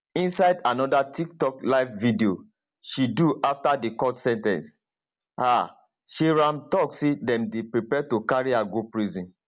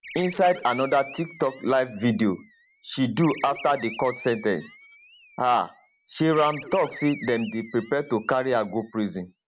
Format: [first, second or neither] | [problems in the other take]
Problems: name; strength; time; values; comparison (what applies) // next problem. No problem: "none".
first | background sound (Animal); 17 dB below the speech